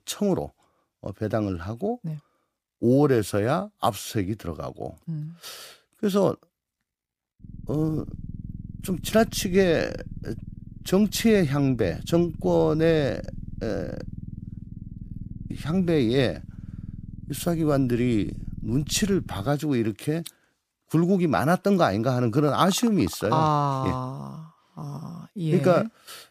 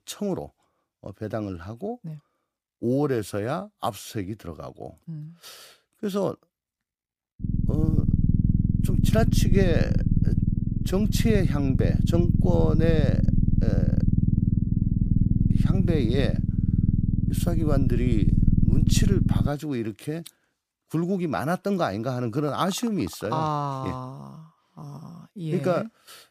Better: first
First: low rumble; faint; from 7.5 to 19 s; 25 dB below the speech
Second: low rumble; loud; from 7.5 to 19 s; 4 dB below the speech

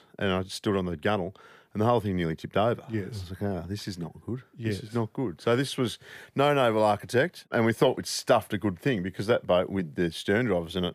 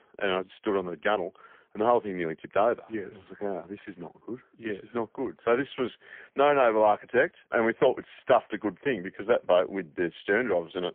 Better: first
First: none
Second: phone-call audio; poor line; nothing above 3.5 kHz

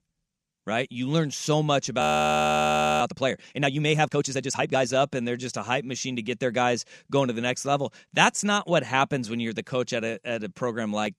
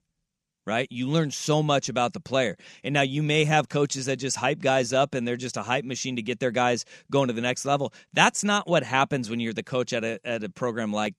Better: second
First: audio freezing; at 2 s for 1 s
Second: none

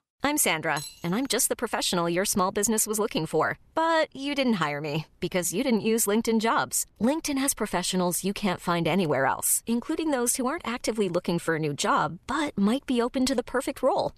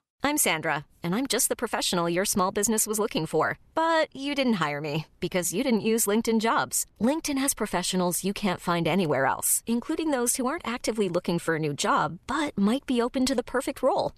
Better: second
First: clattering dishes; faint; at 1 s; peak 15 dB below the speech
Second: none

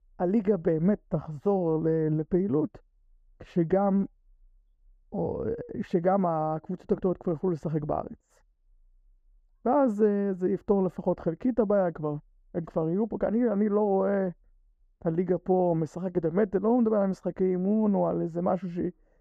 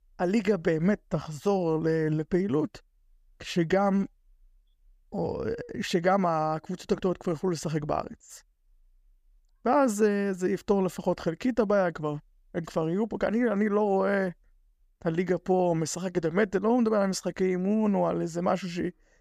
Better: second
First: muffled; very; fading above 2 kHz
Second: none

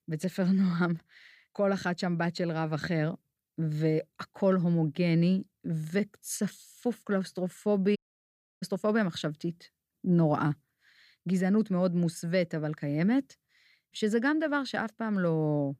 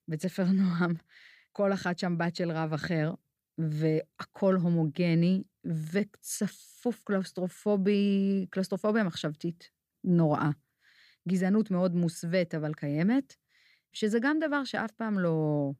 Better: second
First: audio cutting out; at 8 s for 0.5 s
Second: none

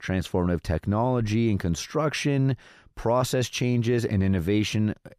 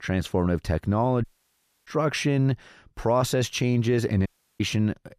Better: first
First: none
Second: audio cutting out; at 1 s for 0.5 s and at 4.5 s

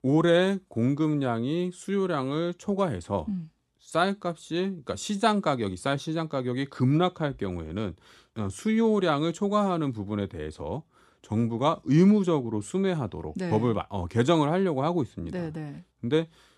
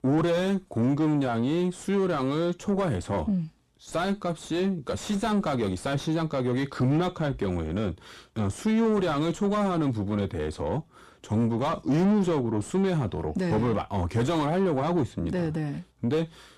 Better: first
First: none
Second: distortion; heavy; 6 dB below the speech

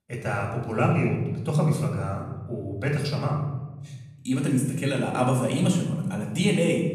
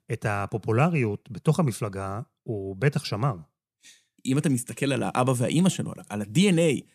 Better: second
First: room echo; noticeable; dies away in 1.1 s // off-mic speech; far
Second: none

